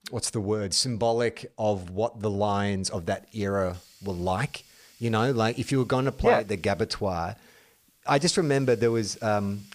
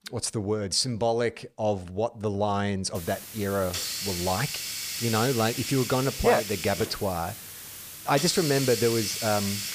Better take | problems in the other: first | hiss; loud; from 3 s on; 5 dB below the speech; faint in the first

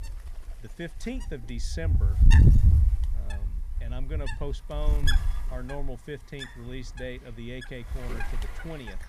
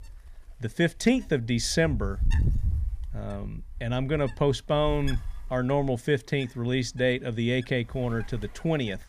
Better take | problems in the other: second | wind noise on the microphone; heavy; 3 dB above the speech; occasional gusts in the second

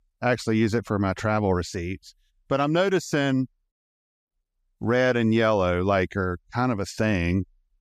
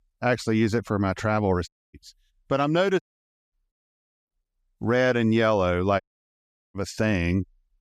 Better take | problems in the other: first | audio cutting out; at 1.5 s, at 3 s for 0.5 s and at 6 s for 0.5 s

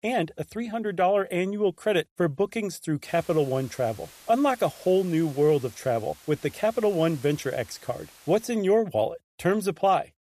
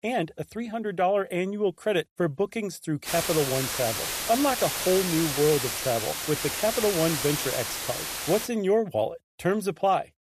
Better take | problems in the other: first | hiss; loud; from 3 to 8.5 s; 2 dB below the speech; faint in the first

